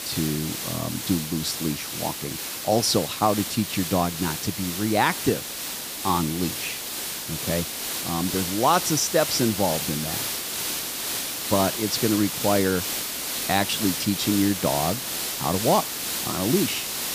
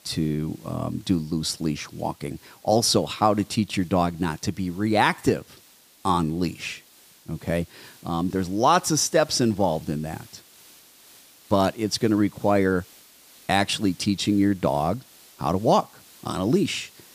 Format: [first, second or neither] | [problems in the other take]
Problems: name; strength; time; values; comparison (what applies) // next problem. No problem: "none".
second | hiss; loud; throughout; 3 dB below the speech; faint in the second